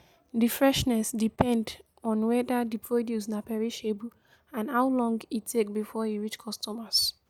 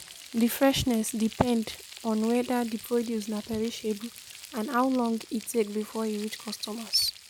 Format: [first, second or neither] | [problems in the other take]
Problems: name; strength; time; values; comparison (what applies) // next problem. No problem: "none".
first | background sound (Frying (food)); 17 dB below the speech